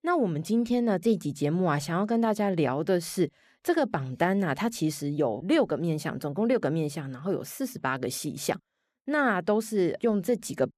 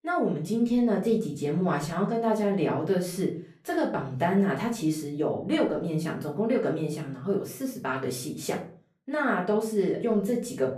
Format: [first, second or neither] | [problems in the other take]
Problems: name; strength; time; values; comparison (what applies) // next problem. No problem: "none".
first | room echo; slight; dies away in 0.3 s // off-mic speech; far